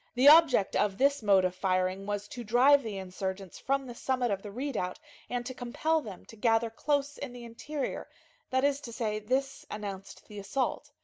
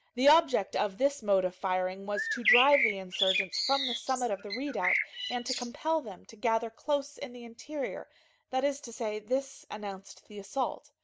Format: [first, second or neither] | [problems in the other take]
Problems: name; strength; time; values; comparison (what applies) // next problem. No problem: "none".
first | background sound (Bird); as loud as the speech